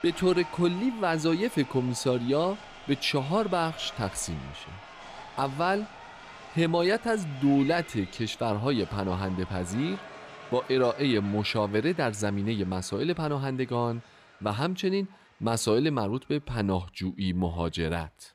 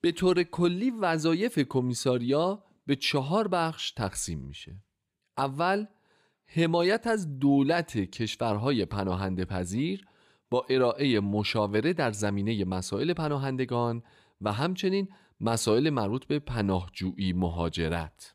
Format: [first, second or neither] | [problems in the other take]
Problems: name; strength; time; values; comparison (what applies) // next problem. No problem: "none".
second | crowd noise; noticeable; throughout; 15 dB below the speech